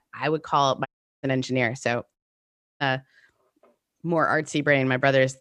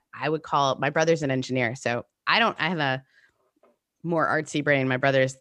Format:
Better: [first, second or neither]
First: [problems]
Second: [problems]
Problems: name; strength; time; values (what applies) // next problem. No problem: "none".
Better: second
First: audio cutting out; at 1 s and at 2 s for 0.5 s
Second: none